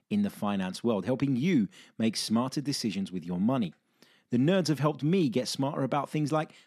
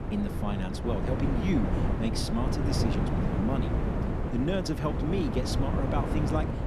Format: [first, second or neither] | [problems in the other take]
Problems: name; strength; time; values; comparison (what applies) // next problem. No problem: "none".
first | wind noise on the microphone; heavy; 1 dB below the speech